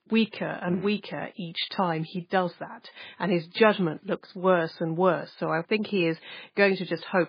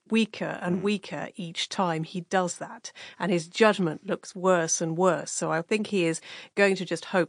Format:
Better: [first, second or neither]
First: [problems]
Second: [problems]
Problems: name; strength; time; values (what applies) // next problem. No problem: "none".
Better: second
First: garbled, watery; badly; nothing above 4.5 kHz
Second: garbled, watery; slightly